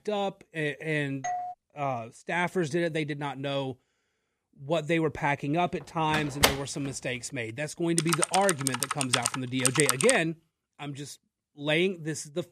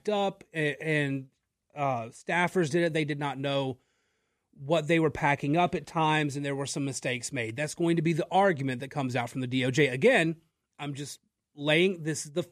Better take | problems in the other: second | doorbell; noticeable; at 1 s; peak 4 dB below the speech // door banging; loud; at 6 s; peak 5 dB above the speech // keyboard typing; loud; from 8 to 10 s; peak 5 dB above the speech

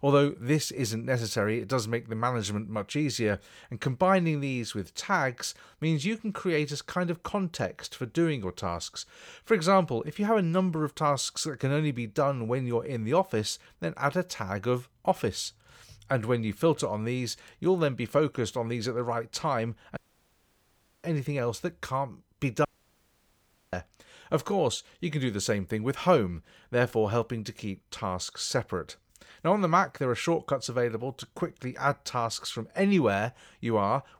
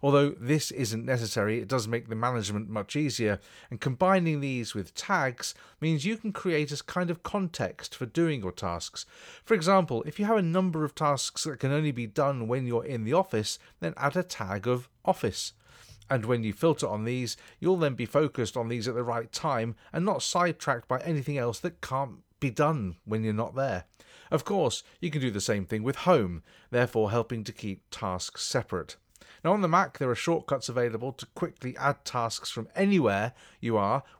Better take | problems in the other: second | audio cutting out; at 20 s for 1 s and at 23 s for 1 s

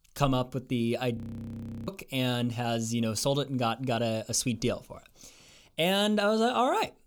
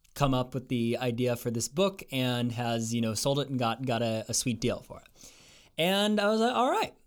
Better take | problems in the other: second | audio freezing; at 1 s for 0.5 s

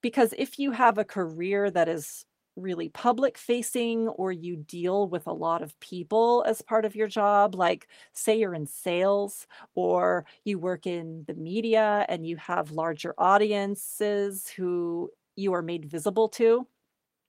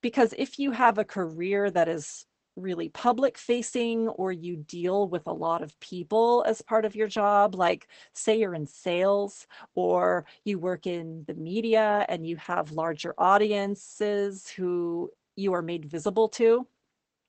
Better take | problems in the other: first | garbled, watery; badly; nothing above 8 kHz; slightly in the first

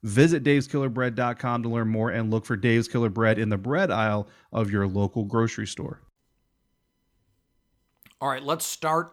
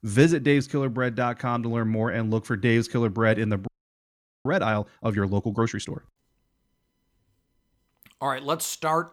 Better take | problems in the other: first | audio freezing; at 3.5 s for 1 s

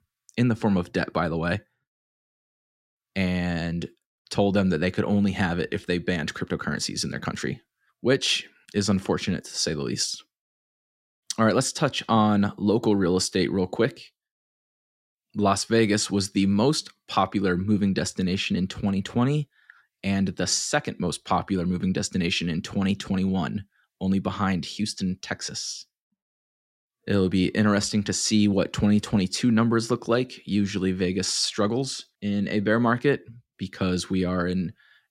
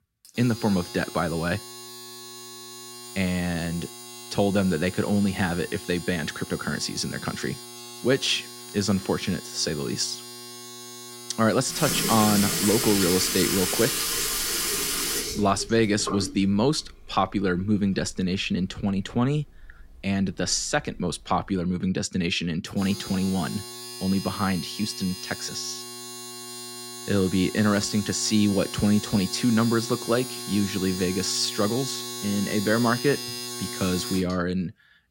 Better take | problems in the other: first | household noises; loud; throughout; 6 dB below the speech

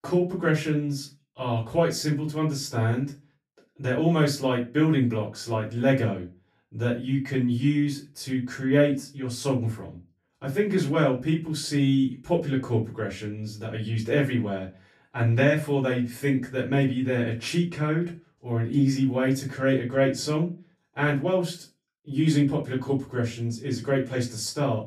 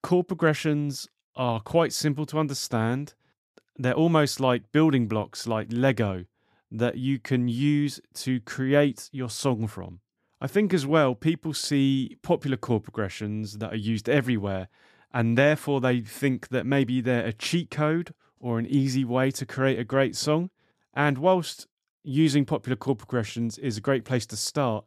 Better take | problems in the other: second | off-mic speech; far // room echo; very slight; dies away in 0.2 s

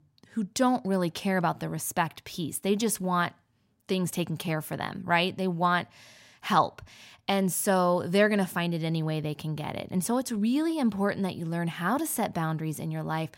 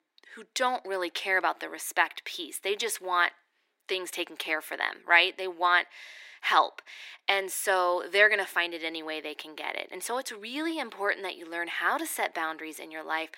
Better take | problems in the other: first | thin; very; fading below 350 Hz

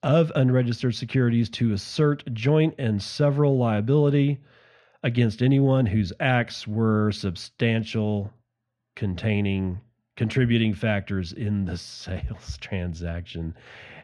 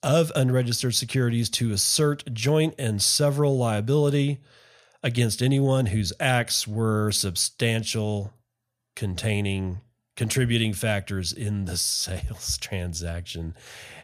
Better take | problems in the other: second | muffled; slightly; fading above 2.5 kHz

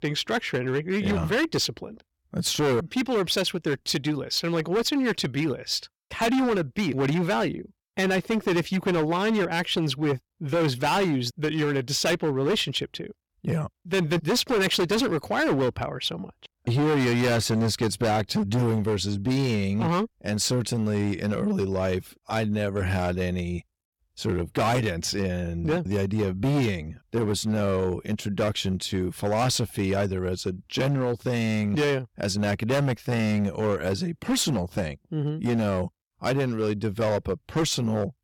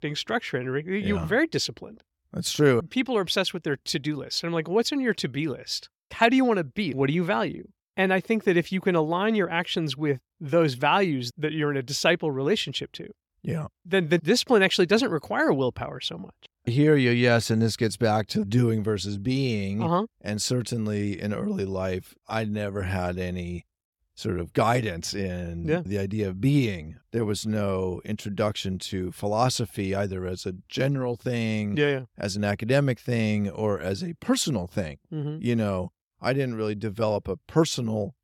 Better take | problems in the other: second | distortion; heavy; 14% of the sound clipped

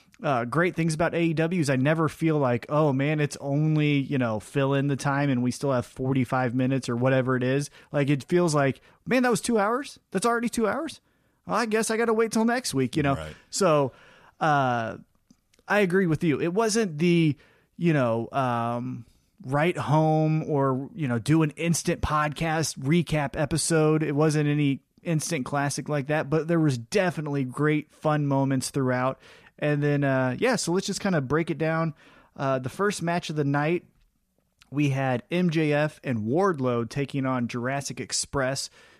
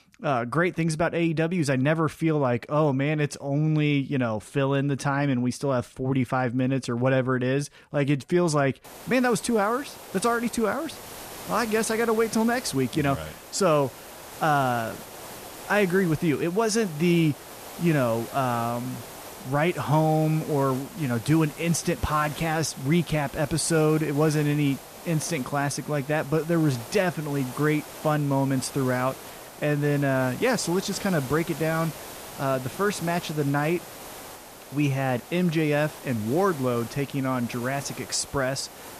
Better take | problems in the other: first | hiss; noticeable; from 9 s on; 15 dB below the speech

